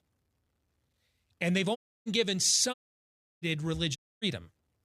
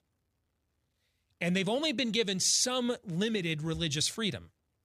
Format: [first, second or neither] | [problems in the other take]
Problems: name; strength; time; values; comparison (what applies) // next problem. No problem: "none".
second | audio cutting out; at 2 s, at 2.5 s for 0.5 s and at 4 s